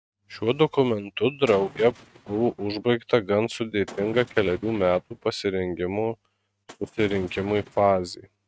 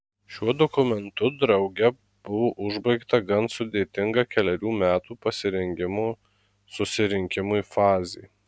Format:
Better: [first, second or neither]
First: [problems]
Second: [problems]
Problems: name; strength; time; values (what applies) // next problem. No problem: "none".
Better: second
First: noise reduction (neural mask model RNNoise)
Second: none